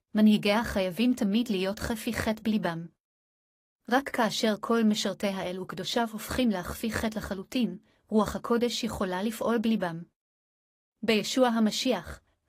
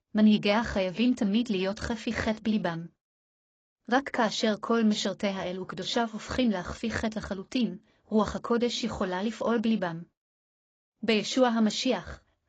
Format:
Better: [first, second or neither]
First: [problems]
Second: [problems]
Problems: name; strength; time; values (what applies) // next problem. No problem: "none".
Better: first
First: garbled, watery; slightly; nothing above 15 kHz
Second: garbled, watery; badly; nothing above 7.5 kHz